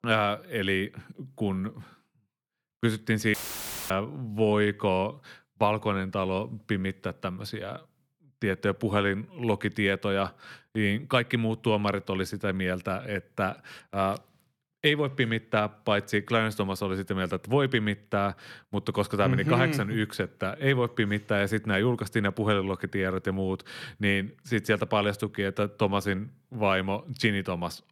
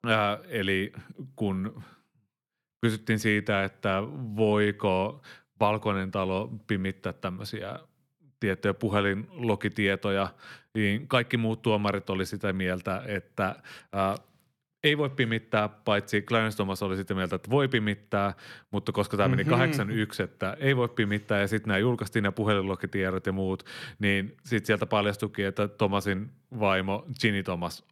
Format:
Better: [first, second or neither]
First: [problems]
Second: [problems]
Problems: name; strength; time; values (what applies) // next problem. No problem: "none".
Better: second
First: audio cutting out; filled with static; at 3.5 s for 0.5 s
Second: none